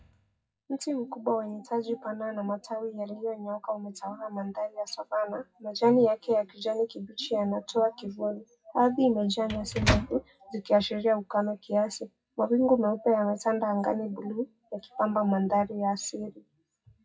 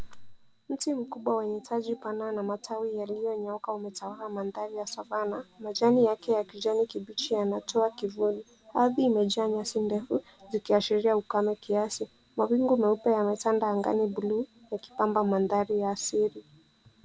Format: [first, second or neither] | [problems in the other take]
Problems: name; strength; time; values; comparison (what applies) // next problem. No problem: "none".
second | noise reduction (classical method WPE with log-MMSE)